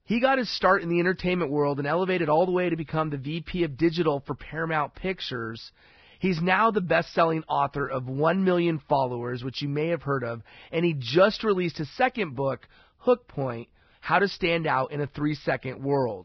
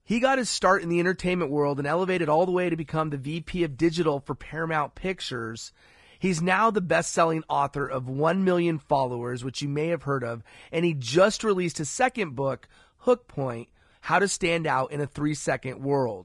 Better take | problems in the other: second | garbled, watery; badly; nothing above 5.5 kHz; slightly in the second

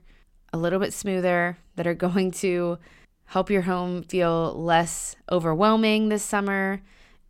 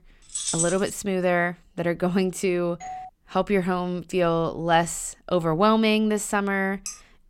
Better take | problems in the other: first | jangling keys; noticeable; at 0.5 s; peak 1 dB below the speech // doorbell; faint; at 3 s; peak 15 dB below the speech // clattering dishes; faint; at 7 s; peak 10 dB below the speech

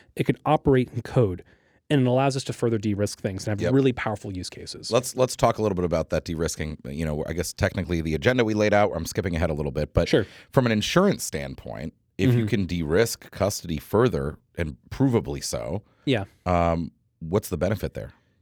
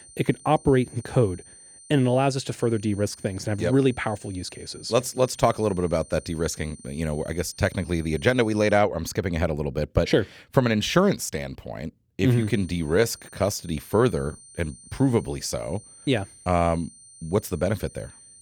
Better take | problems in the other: first | high-pitched whine; faint; until 9 s and from 12 s on; 9 kHz, 20 dB below the speech

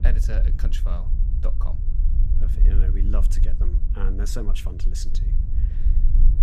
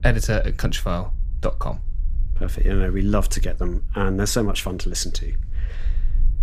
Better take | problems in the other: second | low rumble; loud; throughout; 5 dB below the speech; faint in the second

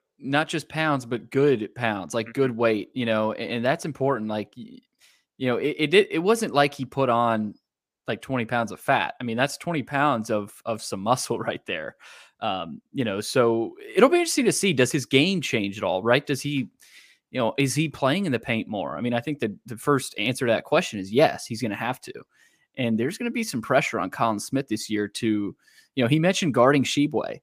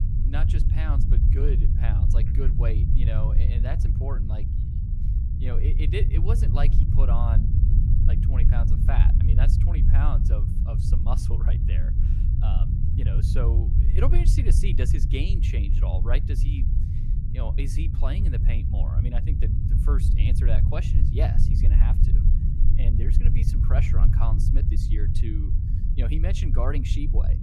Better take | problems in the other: first | low rumble; loud; throughout; 2 dB below the speech

